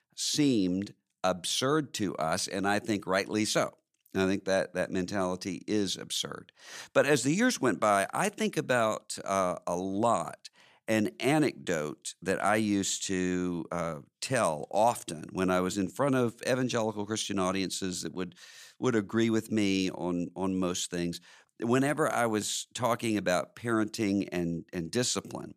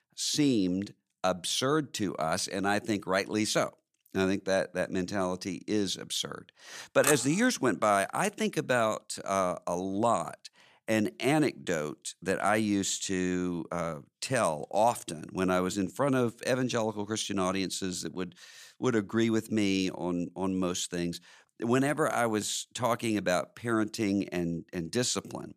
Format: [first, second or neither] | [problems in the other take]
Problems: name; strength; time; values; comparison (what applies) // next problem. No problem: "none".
first | clattering dishes; noticeable; at 7 s; peak 1 dB below the speech